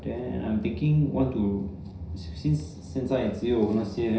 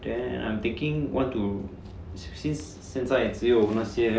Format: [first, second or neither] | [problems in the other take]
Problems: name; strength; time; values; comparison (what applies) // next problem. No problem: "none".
second | room echo; dies away in 0.5 s